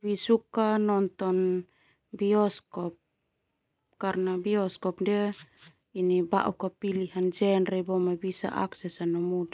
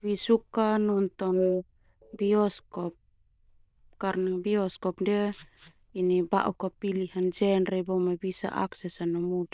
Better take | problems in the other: first | noise reduction (neural diffusion model UNIVERSE++)

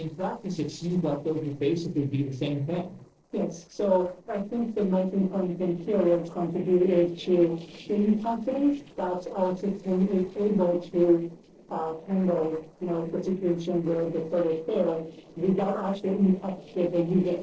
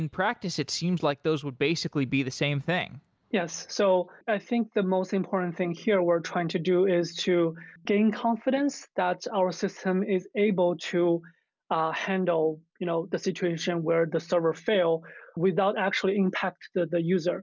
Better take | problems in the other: second | noise reduction (neural separator model SepFormer DNS4)

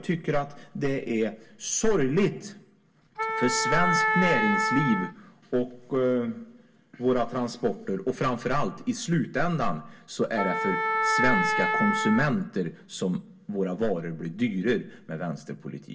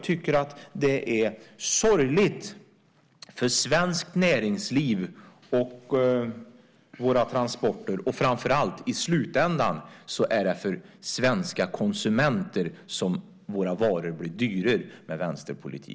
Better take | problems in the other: second | background sound (Wind instrument, woodwind instrument); 1 dB above the speech // room echo; dies away in 0.1 s

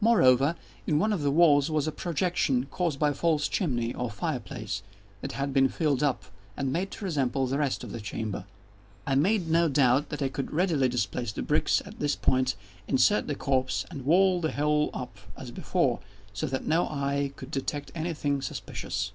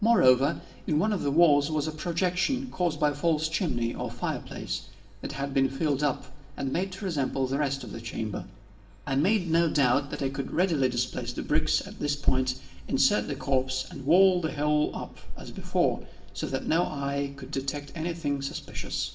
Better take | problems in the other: first | room echo; dies away in 0.8 s

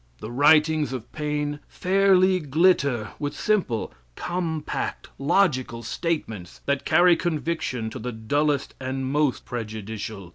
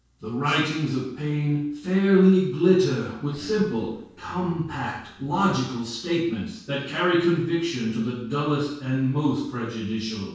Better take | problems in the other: first | noise reduction (neural separator model SepFormer DNS4)

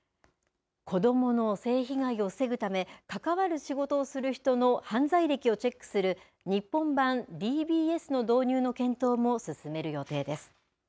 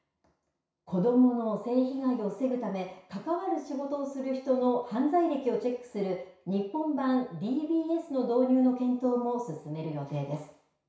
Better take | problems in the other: first | room echo; dies away in 0.6 s

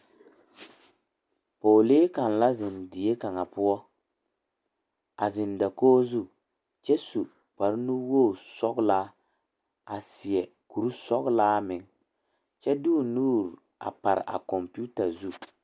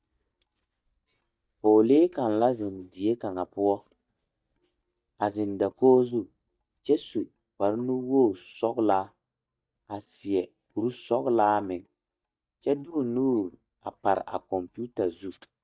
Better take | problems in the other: first | noise reduction (neural mask model DeepFilterNet 3)

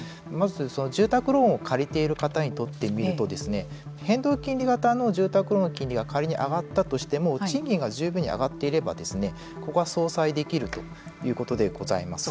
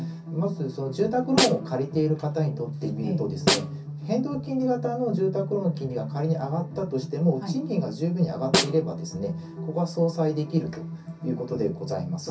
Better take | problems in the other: first | background sound (Snare drum); 3 dB below the speech // room echo; dies away in 0.3 s

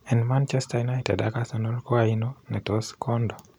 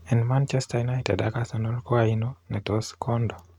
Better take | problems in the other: first | noise reduction (neural mask model RNNoise)

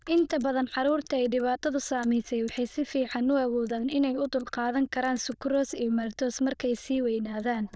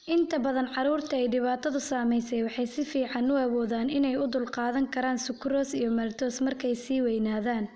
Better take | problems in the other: second | noise reduction (neural diffusion model UNIVERSE++)

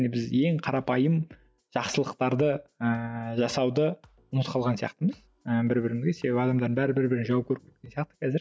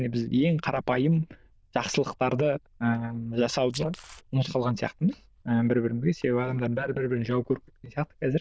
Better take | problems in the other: first | noise reduction (neural diffusion model UNIVERSE++)

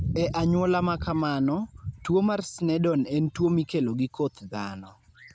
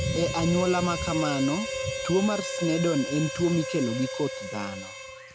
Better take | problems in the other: first | background sound (Harmonica); 6 dB below the speech

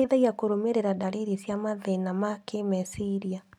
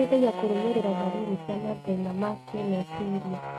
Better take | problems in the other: first | noise reduction (neural mask model RNNoise)

